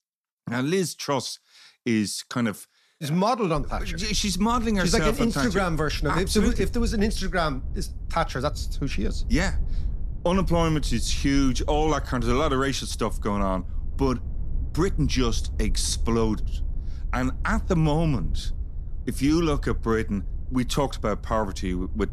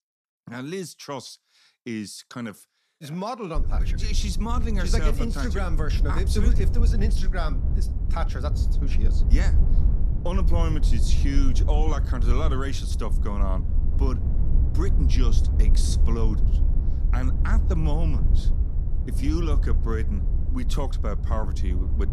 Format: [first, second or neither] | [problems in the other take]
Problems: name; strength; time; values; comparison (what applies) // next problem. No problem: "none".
first | low rumble; loud; from 3.5 s on; 8 dB below the speech; faint in the first